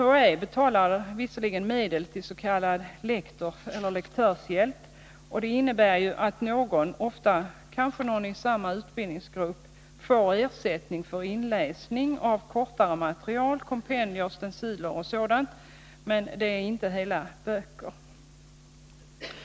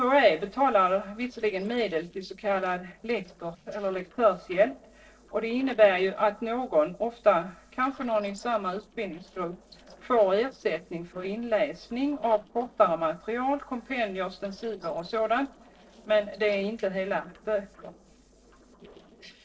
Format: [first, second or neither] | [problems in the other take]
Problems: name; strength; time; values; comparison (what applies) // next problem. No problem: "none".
first | noise reduction (neural separator model SepFormer DNS4)